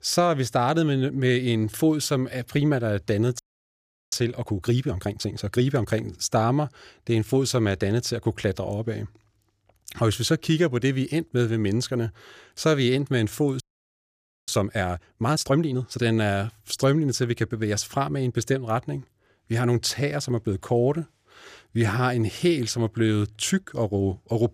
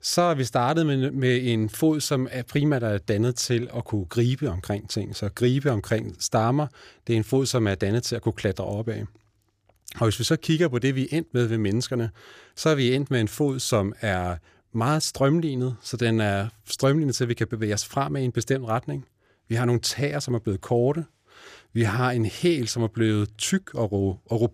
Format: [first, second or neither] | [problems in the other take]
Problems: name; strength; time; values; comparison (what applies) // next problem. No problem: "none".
second | audio freezing; at 3.5 s for 0.5 s and at 14 s for 1 s